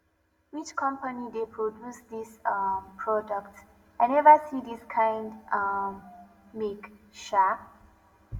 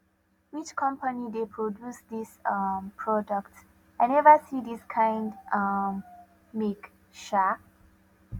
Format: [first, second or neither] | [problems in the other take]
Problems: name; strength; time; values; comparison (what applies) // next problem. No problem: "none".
second | room echo; dies away in 0.7 s